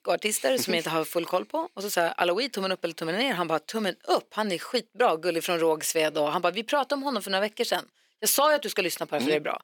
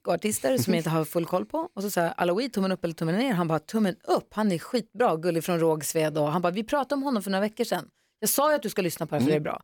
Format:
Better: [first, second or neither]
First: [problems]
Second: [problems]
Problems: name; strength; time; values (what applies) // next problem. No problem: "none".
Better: second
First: thin; somewhat; fading below 350 Hz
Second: none